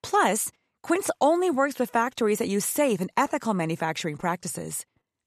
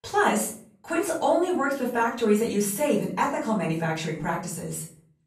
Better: first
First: none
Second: off-mic speech; far // room echo; slight; dies away in 0.5 s

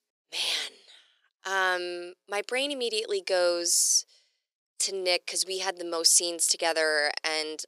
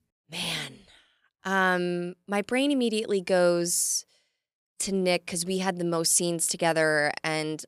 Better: second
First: thin; very; fading below 400 Hz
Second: none

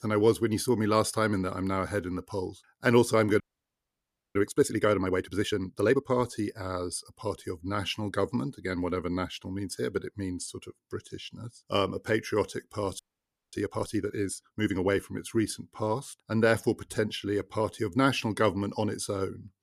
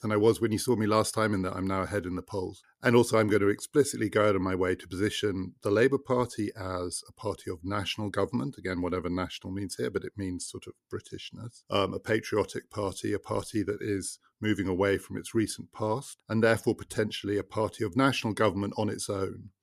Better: second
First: audio freezing; at 3.5 s for 1 s and at 13 s for 0.5 s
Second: none

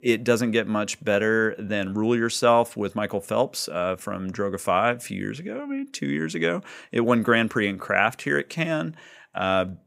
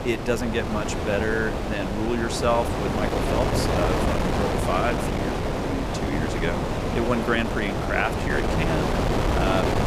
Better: first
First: none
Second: wind noise on the microphone; heavy; as loud as the speech

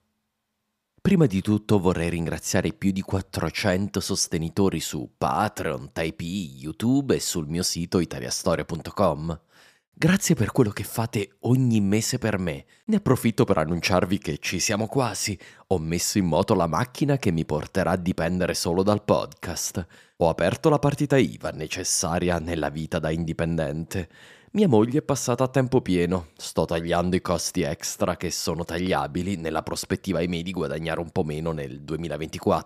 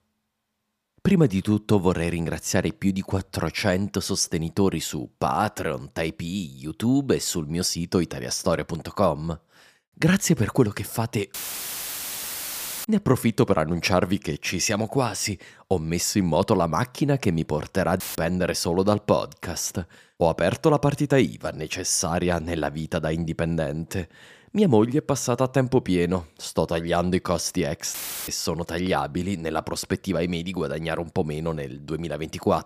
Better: first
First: none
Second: audio cutting out; filled with static; at 11 s for 1.5 s, at 18 s and at 28 s

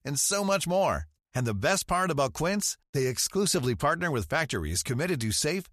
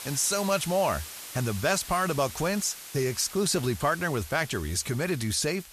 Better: first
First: none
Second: hiss; noticeable; throughout; 10 dB below the speech

